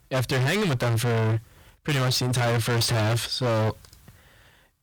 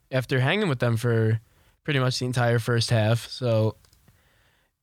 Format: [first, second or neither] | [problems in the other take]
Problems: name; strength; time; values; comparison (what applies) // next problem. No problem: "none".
second | distortion; heavy; 34% of the sound clipped